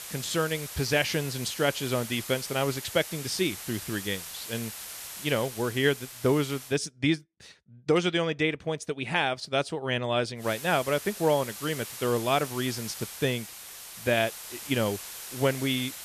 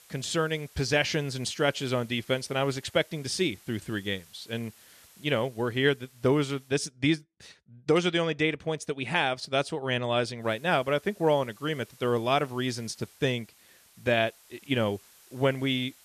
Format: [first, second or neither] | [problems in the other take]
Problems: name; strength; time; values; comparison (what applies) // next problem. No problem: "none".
second | hiss; loud; until 6.5 s and from 10 s on; 10 dB below the speech; faint in the second